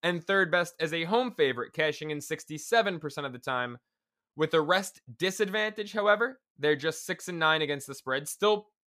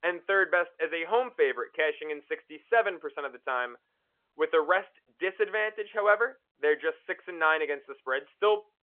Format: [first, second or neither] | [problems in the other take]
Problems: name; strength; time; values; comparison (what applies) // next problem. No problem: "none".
first | phone-call audio; nothing above 3.5 kHz